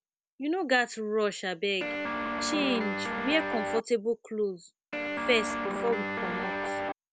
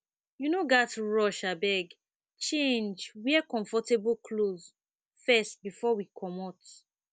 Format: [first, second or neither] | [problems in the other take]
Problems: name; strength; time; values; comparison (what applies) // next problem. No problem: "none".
second | background sound (Guitar); 1 dB below the speech